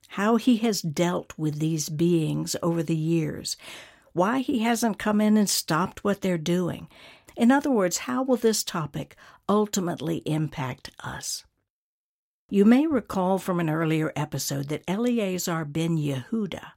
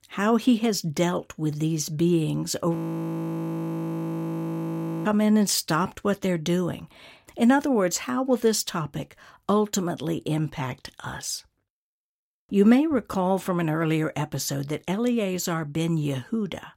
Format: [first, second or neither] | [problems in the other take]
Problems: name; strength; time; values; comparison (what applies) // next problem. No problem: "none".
first | audio freezing; at 3 s for 2.5 s